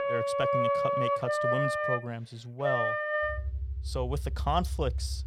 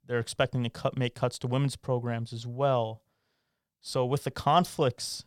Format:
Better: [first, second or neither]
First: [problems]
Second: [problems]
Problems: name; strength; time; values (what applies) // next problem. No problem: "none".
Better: second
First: background music; very loud; throughout; 4 dB above the speech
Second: none